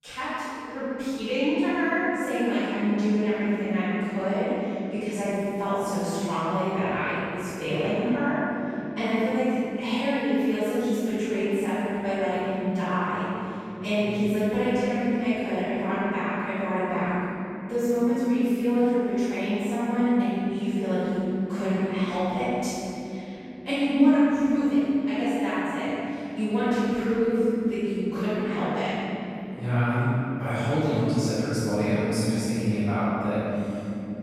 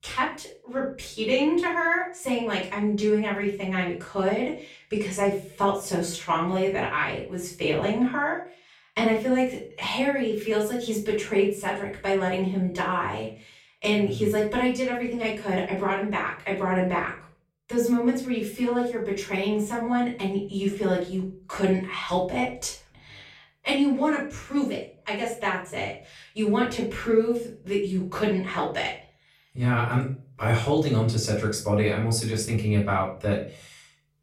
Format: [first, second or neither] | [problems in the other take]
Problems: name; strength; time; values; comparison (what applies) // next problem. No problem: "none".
second | room echo; strong; dies away in 3 s; slight in the second // off-mic speech; far; far in the second